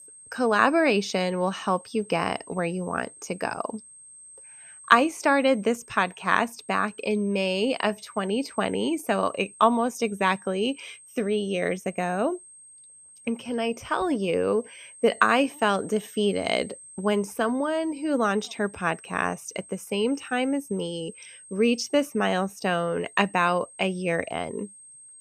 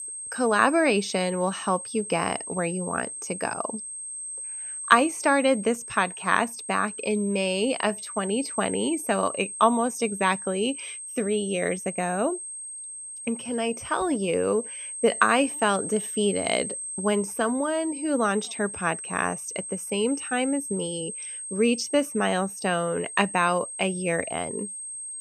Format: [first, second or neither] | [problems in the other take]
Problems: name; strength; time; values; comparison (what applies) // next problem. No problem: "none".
first | high-pitched whine; loud; throughout; 8.5 kHz, 8 dB below the speech; faint in the first